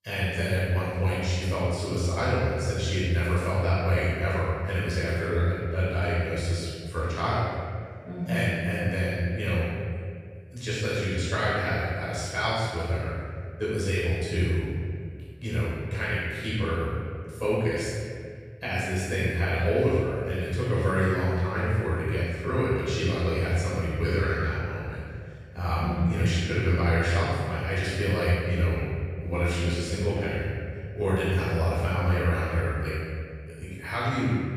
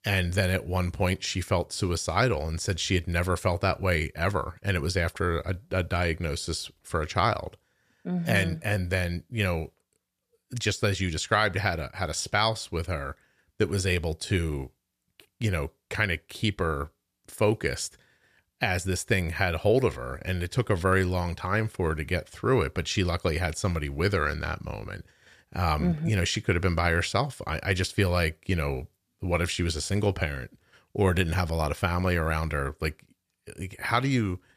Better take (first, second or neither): second